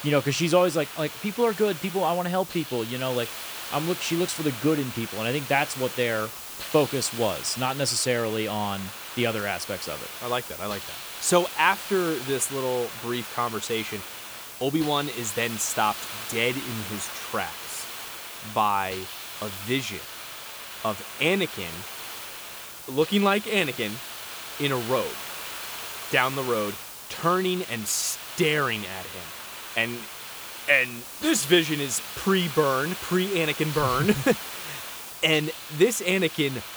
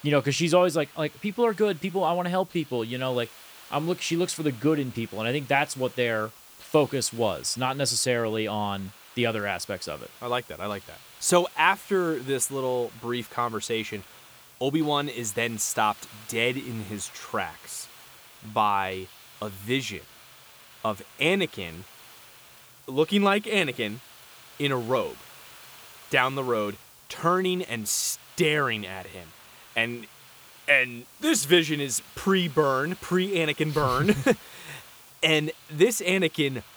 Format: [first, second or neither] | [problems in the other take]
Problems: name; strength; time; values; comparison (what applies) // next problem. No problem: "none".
second | hiss; loud; throughout; 9 dB below the speech; faint in the second